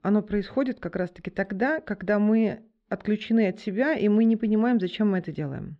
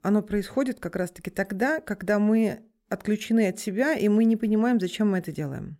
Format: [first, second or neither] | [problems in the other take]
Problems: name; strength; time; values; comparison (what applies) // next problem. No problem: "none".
second | muffled; slightly; fading above 4 kHz